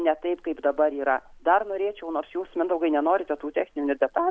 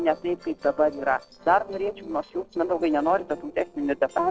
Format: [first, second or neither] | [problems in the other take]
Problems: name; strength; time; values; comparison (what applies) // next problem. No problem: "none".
first | noise reduction (neural separator model SepFormer DNS4)